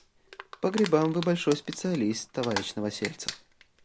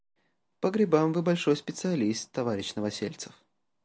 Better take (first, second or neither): second